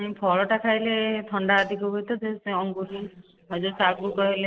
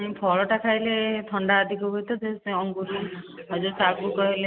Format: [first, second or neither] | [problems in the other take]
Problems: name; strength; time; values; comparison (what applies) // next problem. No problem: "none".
second | noise reduction (neural separator model SepFormer DNS4)